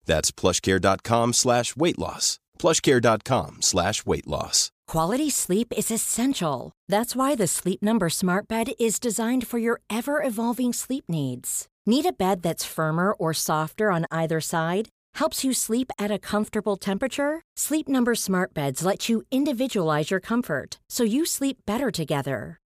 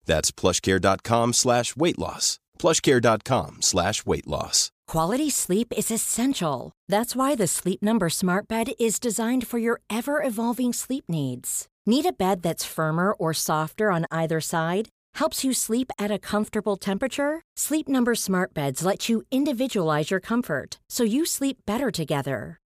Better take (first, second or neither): neither